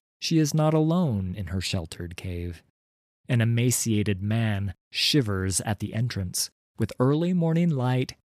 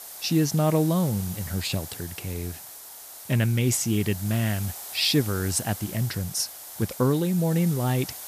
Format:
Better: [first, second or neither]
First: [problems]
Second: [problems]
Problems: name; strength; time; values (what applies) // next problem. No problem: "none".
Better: first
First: none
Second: hiss; noticeable; throughout; 10 dB below the speech